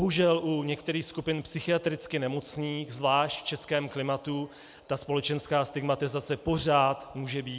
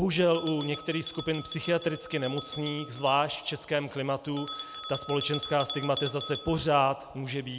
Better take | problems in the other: first | background sound (Bell); 12 dB below the speech

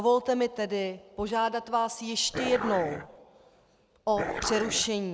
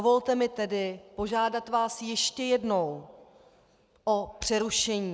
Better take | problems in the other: second | background sound (Dog); 6 dB below the speech

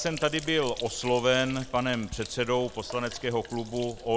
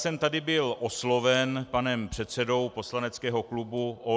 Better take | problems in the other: second | background sound (Sink (filling or washing)); 15 dB below the speech

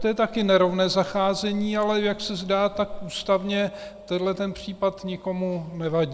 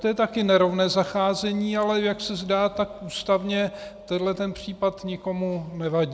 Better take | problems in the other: second | background sound (Cricket / Frog); 18 dB below the speech

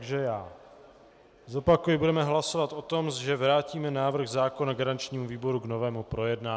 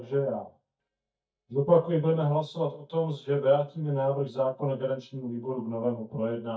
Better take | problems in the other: first | noise reduction (neural mask model DeepFilterNet 3)

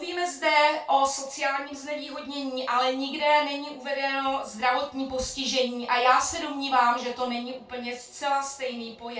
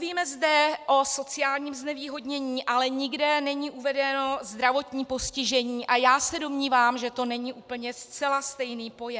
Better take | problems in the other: second | room echo; dies away in 0.2 s

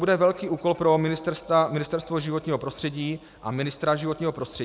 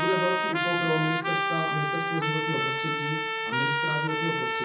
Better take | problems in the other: first | background sound (Trumpet); 3 dB above the speech // room echo; dies away in 0.6 s

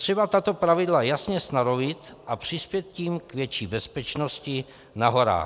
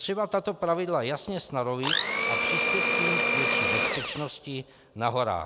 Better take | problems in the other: first | background sound (Domestic sounds, home sounds); 4 dB above the speech

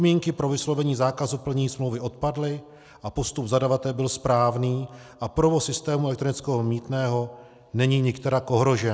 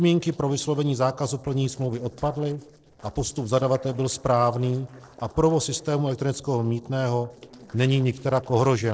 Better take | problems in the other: first | noise reduction (neural separator model SepFormer DNS4)

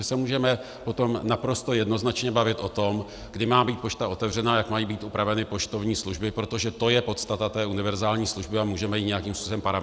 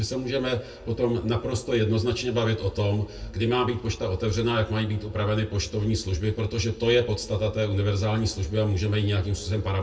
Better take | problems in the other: first | room echo; dies away in 0.2 s

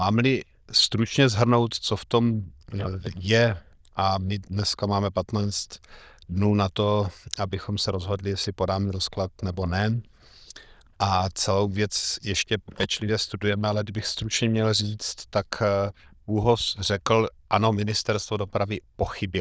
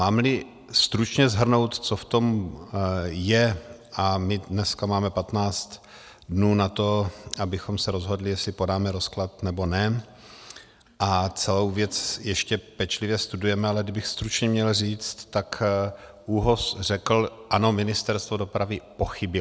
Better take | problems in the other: second | noise reduction (neural diffusion model UNIVERSE++)

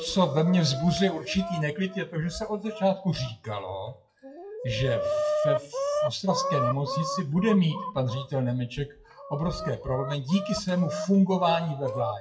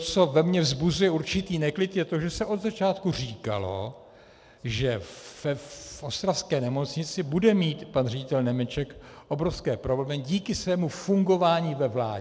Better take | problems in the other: second | noise reduction (classical method WPE with log-MMSE)

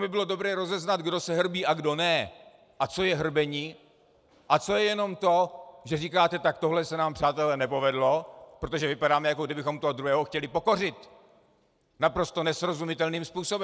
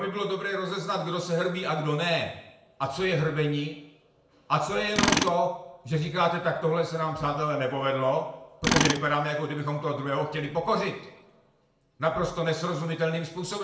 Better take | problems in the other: first | background sound (Tools); 4 dB below the speech // room echo; dies away in 0.7 s

